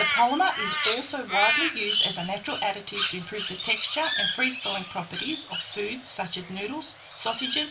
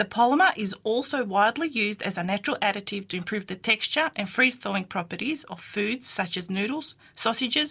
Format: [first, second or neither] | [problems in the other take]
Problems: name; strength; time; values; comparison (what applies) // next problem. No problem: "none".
second | background sound (Crow); 1 dB below the speech // room echo; dies away in 0.3 s